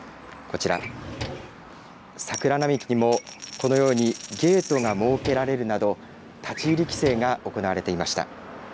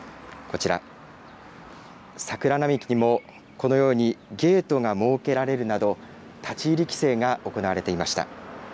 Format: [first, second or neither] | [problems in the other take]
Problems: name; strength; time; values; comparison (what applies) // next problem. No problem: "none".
second | background sound (Coin (dropping) + Drawer open or close); 12 dB below the speech